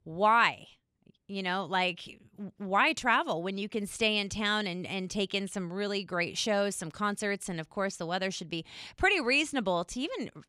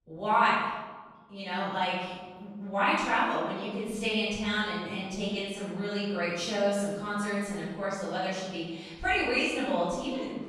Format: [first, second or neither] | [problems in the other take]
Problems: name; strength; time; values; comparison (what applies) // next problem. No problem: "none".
first | off-mic speech; far // room echo; strong; dies away in 1.2 s